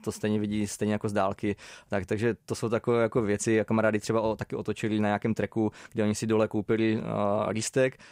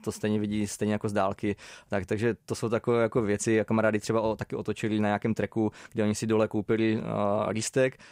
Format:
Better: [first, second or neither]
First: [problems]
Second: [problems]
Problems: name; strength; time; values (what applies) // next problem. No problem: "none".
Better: neither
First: none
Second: none